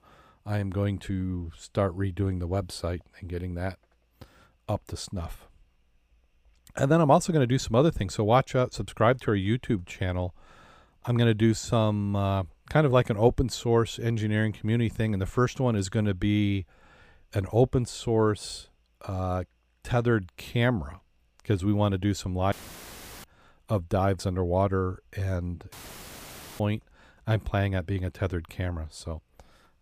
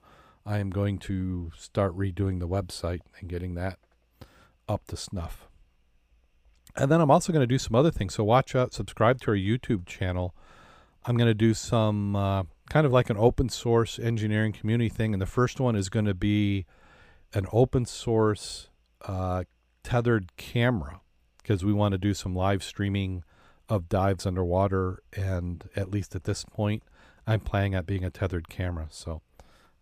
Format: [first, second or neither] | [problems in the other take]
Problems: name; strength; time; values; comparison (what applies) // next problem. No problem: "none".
second | audio cutting out; filled with static; at 23 s for 0.5 s and at 26 s for 1 s